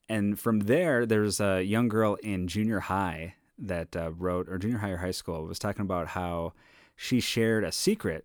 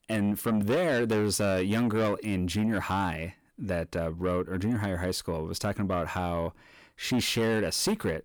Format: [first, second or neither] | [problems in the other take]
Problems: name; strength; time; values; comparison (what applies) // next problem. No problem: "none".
first | distortion; slight; 10 dB below the speech